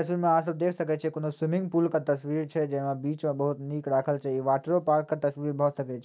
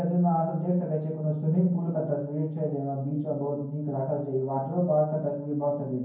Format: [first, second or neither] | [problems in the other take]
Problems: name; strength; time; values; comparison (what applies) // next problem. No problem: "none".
first | room echo; dies away in 0.9 s